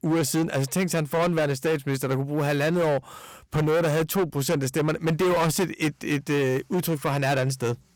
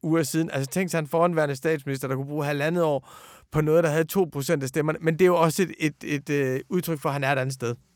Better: second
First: distortion; heavy; 18% of the sound clipped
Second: none

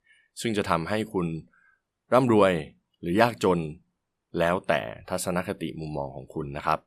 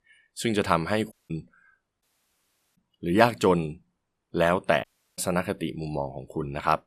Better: first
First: none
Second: audio cutting out; at 1 s, at 2 s for 0.5 s and at 5 s

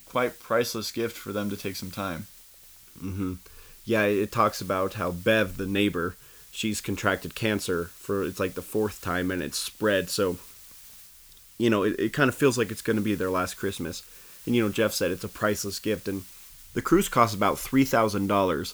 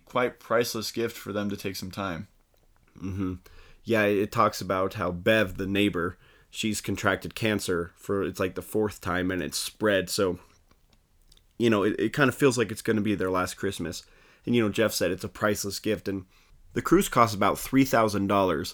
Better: second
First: hiss; noticeable; throughout; 20 dB below the speech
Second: none

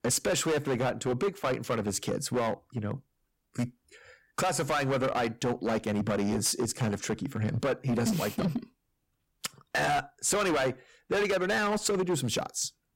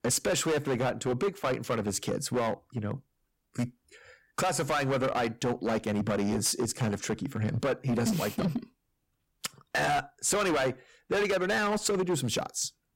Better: neither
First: distortion; heavy; 15% of the sound clipped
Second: distortion; heavy; 15% of the sound clipped

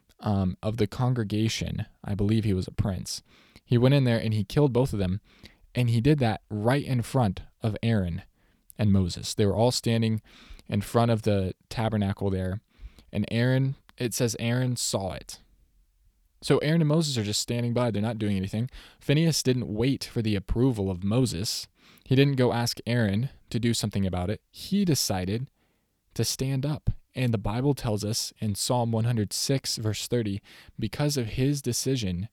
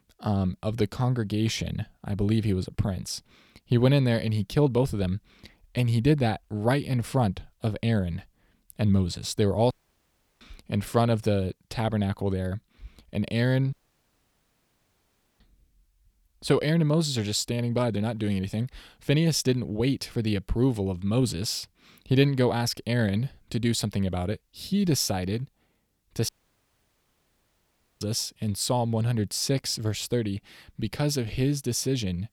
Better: first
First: none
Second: audio cutting out; at 9.5 s for 0.5 s, at 14 s for 1.5 s and at 26 s for 1.5 s

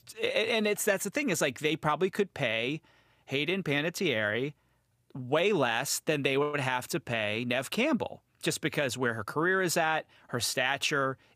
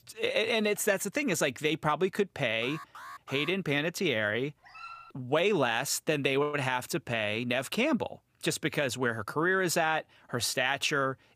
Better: first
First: none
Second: alarm; faint; at 2.5 s; peak 15 dB below the speech // dog barking; faint; at 4.5 s; peak 15 dB below the speech

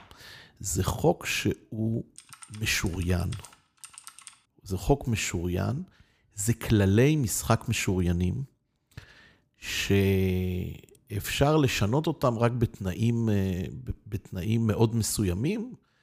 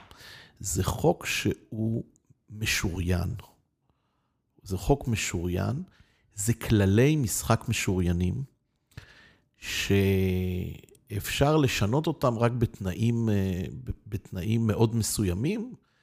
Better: second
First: keyboard typing; faint; from 2 to 4.5 s; peak 15 dB below the speech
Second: none

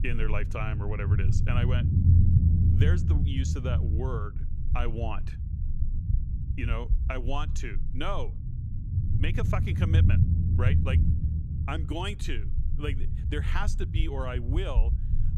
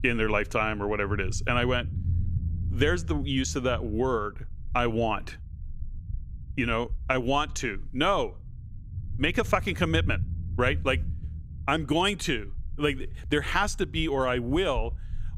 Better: second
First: low rumble; loud; throughout; 5 dB below the speech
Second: low rumble; faint; throughout; 25 dB below the speech

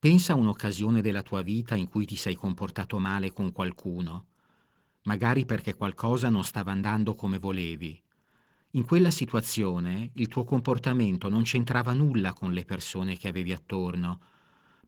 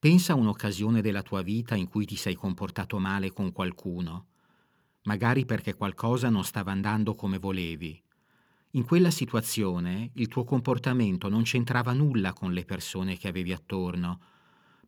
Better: second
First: garbled, watery; slightly; nothing above 19 kHz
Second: none

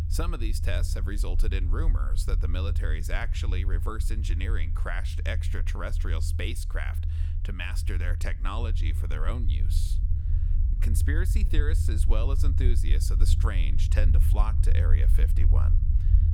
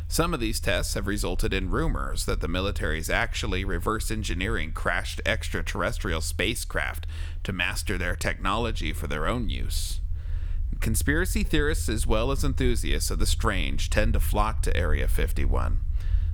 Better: second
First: low rumble; loud; throughout; 8 dB below the speech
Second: low rumble; faint; throughout; 25 dB below the speech

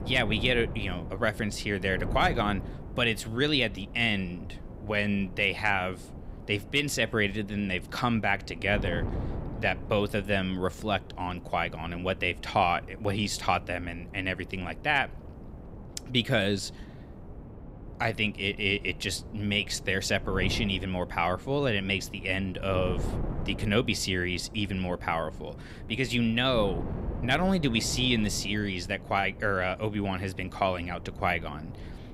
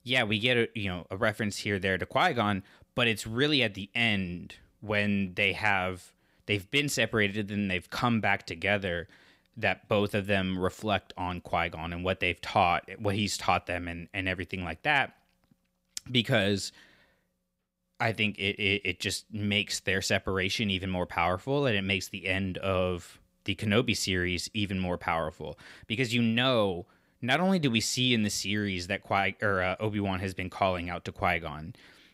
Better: second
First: wind noise on the microphone; occasional gusts; 20 dB below the speech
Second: none

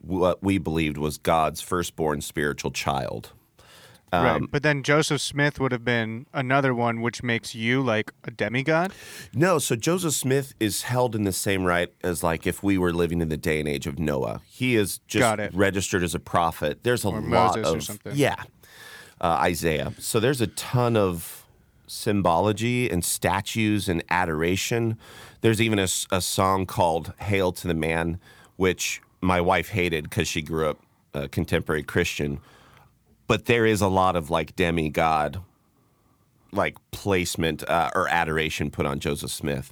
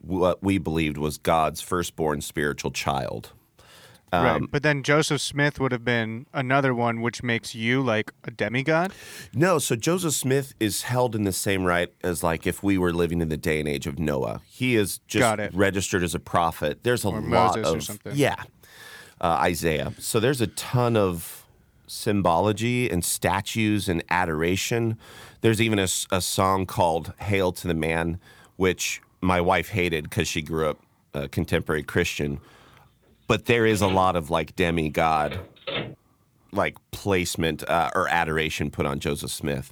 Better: first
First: none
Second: phone ringing; noticeable; from 33 to 36 s; peak 6 dB below the speech

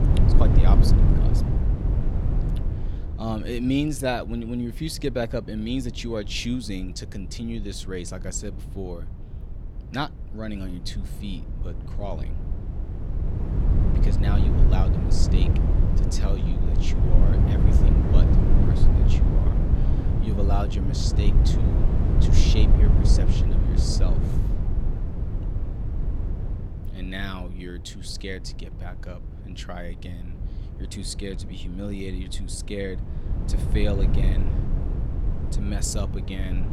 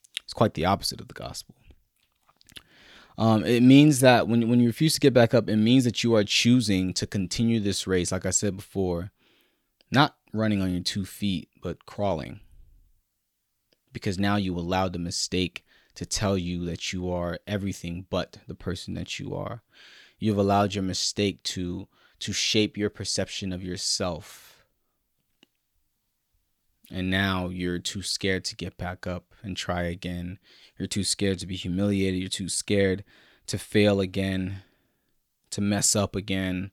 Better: second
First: wind noise on the microphone; heavy; 2 dB below the speech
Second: none

